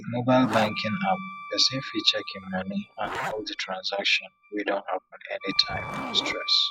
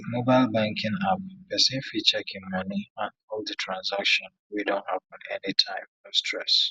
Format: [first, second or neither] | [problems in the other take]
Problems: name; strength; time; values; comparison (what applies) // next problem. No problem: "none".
second | noise reduction (classical method log-MMSE)